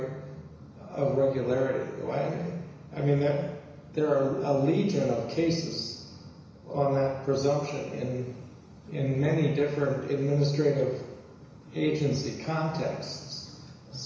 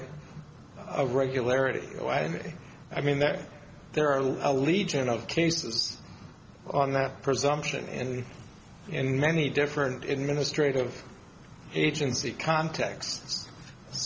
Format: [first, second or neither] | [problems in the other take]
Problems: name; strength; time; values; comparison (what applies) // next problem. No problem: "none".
second | room echo; dies away in 1 s